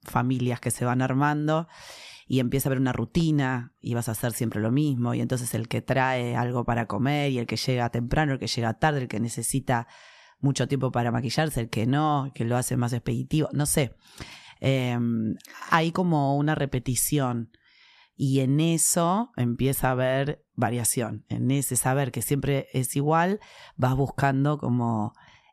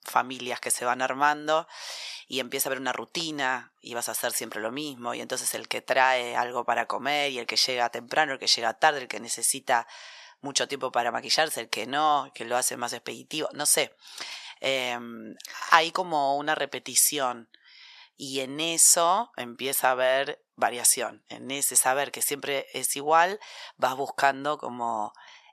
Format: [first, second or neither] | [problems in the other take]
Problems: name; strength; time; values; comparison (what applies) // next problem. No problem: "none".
first | thin; very; fading below 650 Hz